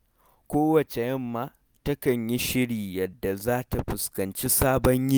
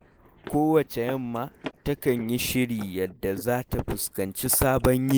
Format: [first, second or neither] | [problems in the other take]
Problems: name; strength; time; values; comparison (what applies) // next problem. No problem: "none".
first | noise reduction (neural mask model Resemble Enhance denoiser)